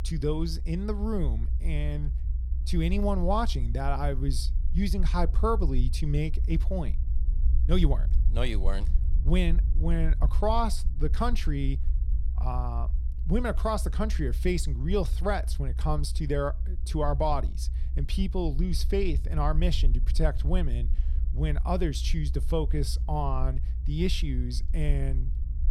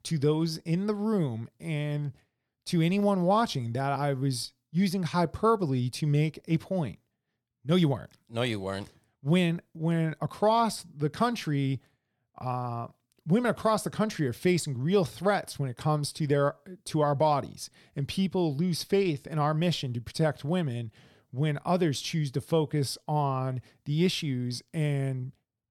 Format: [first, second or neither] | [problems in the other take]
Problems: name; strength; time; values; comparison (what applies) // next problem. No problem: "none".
second | low rumble; noticeable; throughout; 20 dB below the speech